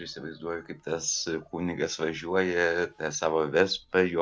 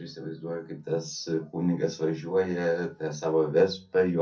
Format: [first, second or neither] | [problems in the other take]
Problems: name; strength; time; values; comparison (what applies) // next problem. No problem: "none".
first | room echo; dies away in 0.3 s